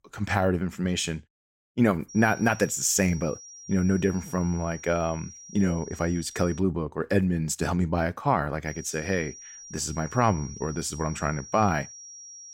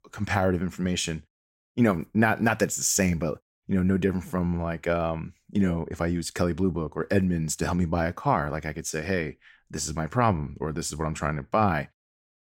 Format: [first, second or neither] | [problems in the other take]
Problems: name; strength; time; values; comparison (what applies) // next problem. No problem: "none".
second | high-pitched whine; noticeable; from 2 to 6.5 s and from 8.5 s on; 5.5 kHz, 15 dB below the speech